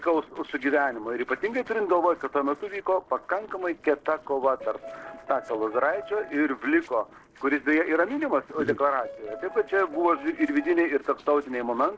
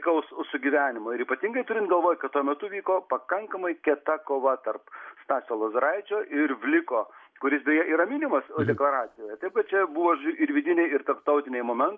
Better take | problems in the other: second | noise reduction (neural separator model SepFormer DNS4)

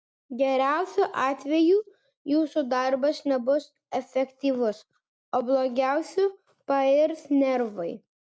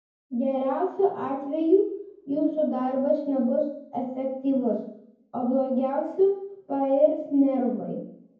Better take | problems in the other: first | room echo; dies away in 0.9 s

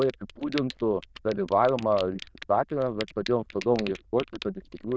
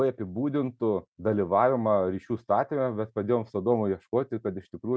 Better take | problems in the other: second | noise reduction (neural diffusion model UNIVERSE++)

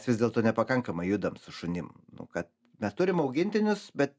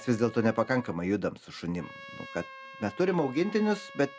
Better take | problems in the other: first | background sound (Trumpet); 18 dB below the speech

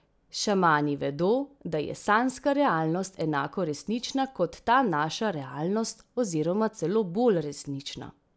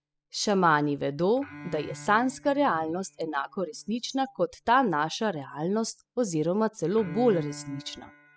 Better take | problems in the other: first | noise reduction (classical method spectral subtraction)

